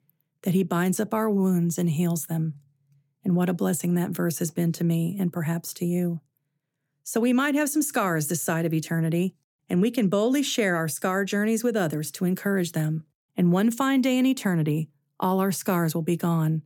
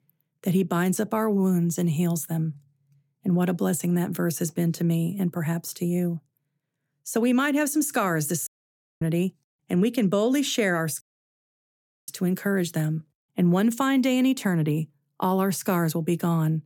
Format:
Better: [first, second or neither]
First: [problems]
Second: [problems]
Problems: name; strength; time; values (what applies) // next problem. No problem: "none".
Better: first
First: none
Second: audio cutting out; at 8.5 s for 0.5 s and at 11 s for 1 s